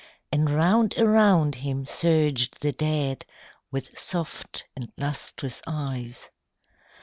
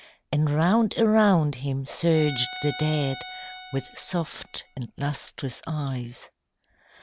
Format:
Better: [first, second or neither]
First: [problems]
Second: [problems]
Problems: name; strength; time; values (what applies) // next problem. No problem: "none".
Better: first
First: none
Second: background sound (Bowed string instrument); 13 dB below the speech